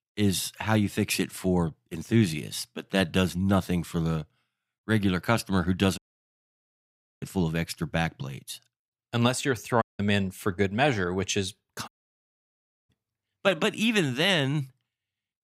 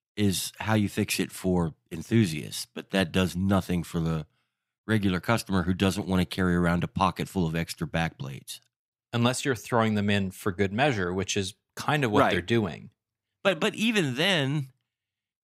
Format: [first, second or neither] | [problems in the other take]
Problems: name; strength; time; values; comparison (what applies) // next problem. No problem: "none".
second | audio cutting out; at 6 s for 1 s, at 10 s and at 12 s for 1 s